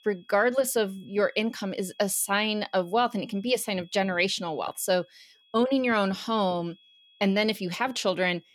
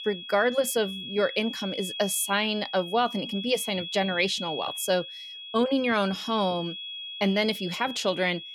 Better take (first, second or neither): first